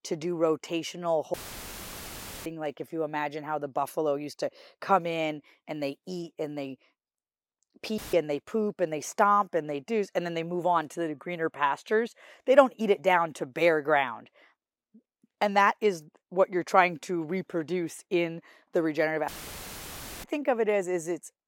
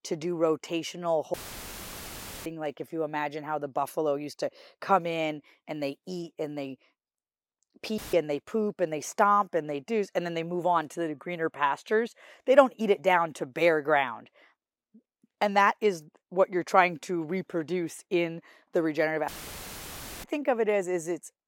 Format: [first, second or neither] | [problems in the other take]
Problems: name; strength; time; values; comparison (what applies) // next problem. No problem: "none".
neither | audio cutting out; filled with static; at 1.5 s for 1 s, at 8 s and at 19 s for 1 s; the same in both